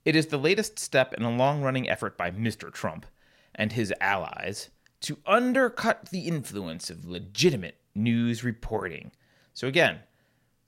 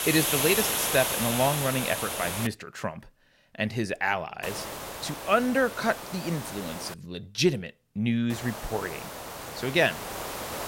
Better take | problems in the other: first | hiss; loud; until 2.5 s, from 4.5 to 7 s and from 8.5 s on; 3 dB below the speech

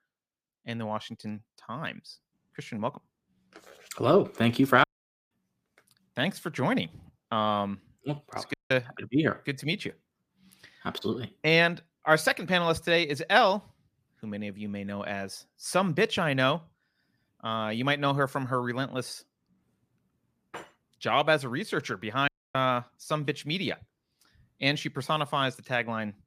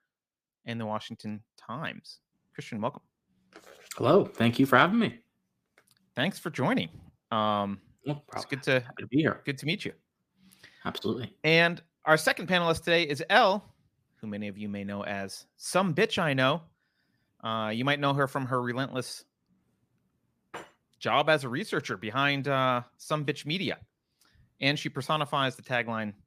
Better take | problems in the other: second | audio cutting out; at 5 s, at 8.5 s and at 22 s

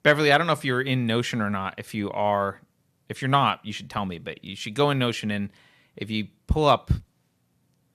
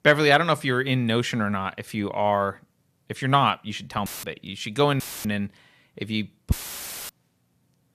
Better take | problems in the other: first | audio cutting out; filled with static; at 4 s, at 5 s and at 6.5 s for 0.5 s

